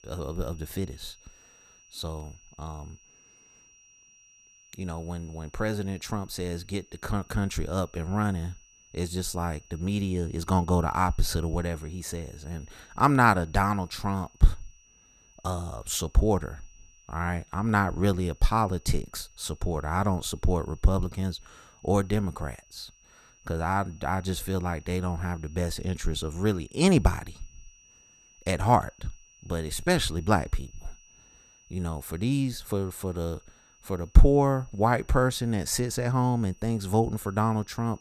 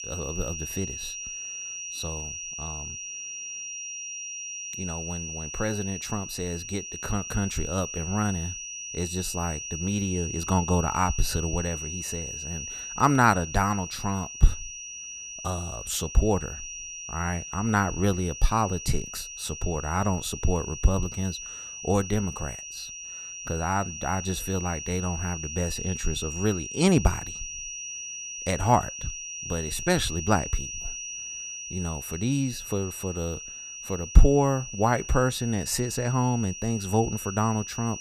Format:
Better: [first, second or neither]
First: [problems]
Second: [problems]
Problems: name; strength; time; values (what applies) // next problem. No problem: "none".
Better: first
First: high-pitched whine; faint; throughout; 6 kHz, 30 dB below the speech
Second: high-pitched whine; loud; throughout; 6 kHz, 7 dB below the speech